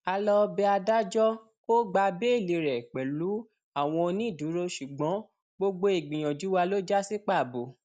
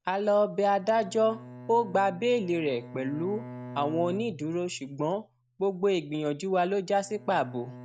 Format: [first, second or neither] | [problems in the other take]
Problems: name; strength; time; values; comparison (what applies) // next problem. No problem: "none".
first | background sound (Bowed string instrument); 18 dB below the speech